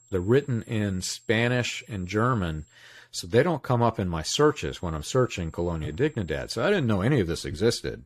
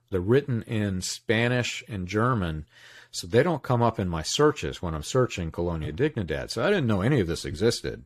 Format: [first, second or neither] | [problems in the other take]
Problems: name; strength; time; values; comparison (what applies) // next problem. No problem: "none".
second | high-pitched whine; faint; until 2.5 s and from 4.5 to 7 s; 7.5 kHz, 30 dB below the speech